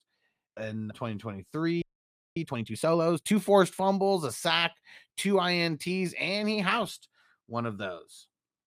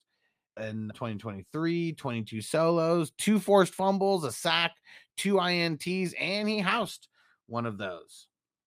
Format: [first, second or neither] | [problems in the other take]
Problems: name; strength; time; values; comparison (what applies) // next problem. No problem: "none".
second | audio freezing; at 2 s for 0.5 s